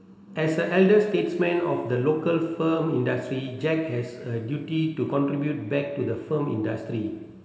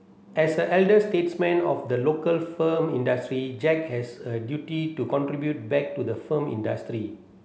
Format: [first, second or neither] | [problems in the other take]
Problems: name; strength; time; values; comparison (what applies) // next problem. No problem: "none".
second | room echo; dies away in 2.8 s